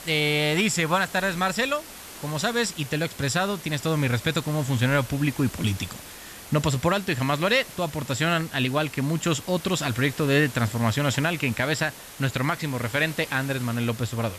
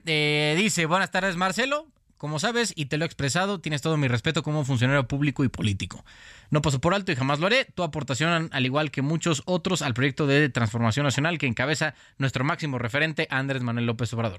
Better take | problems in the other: second | hiss; noticeable; throughout; 15 dB below the speech

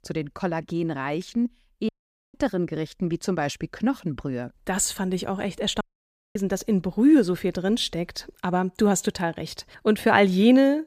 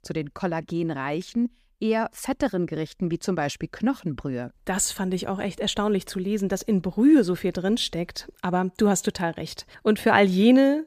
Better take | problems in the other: second | audio cutting out; at 2 s and at 6 s for 0.5 s

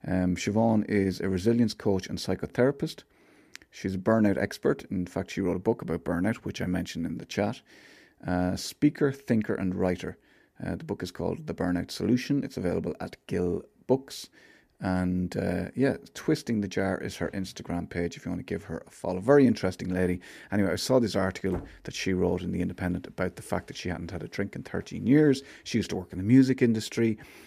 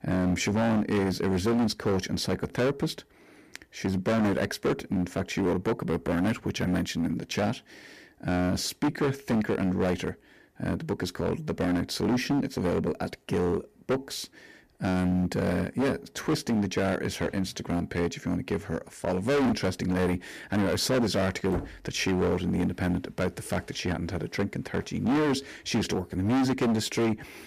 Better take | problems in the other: first | distortion; heavy; 15% of the sound clipped

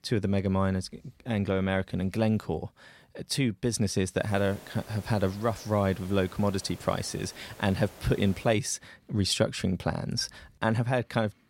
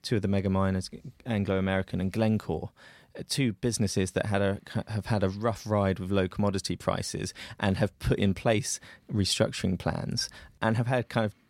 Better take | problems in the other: second | hiss; noticeable; from 4 to 8.5 s; 20 dB below the speech

